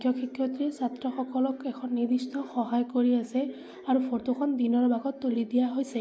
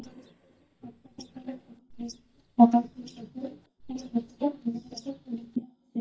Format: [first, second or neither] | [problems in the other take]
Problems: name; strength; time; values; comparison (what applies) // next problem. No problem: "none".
first | noise reduction (neural mask model DeepFilterNet 3)